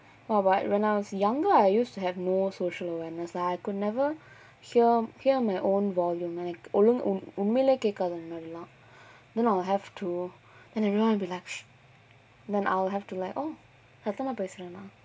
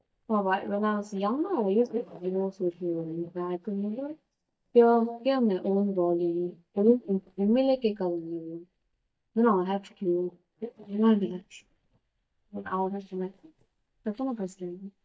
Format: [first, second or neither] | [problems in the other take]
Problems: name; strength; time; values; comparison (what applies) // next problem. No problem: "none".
first | noise reduction (neural mask model DeepFilterNet 3)